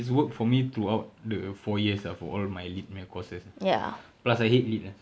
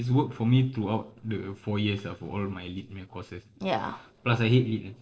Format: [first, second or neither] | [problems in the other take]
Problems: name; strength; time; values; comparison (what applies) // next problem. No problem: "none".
first | noise reduction (neural separator model SepFormer DNS4)